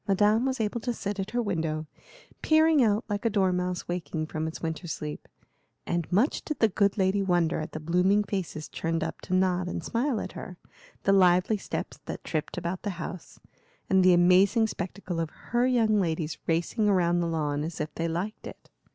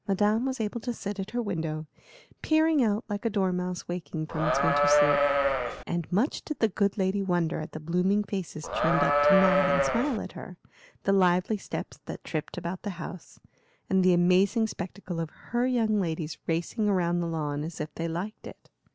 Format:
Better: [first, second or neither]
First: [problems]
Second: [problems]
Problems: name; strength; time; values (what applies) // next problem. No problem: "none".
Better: first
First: none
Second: background sound (Livestock, farm animals, working animals); 4 dB above the speech